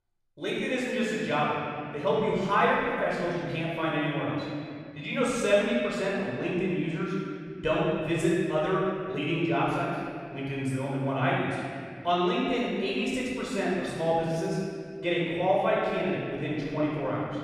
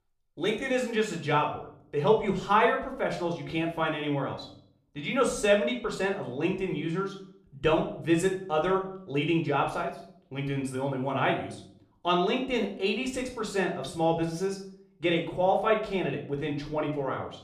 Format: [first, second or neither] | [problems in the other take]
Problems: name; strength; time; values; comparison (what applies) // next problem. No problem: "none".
second | room echo; strong; dies away in 2.2 s; slight in the second // off-mic speech; far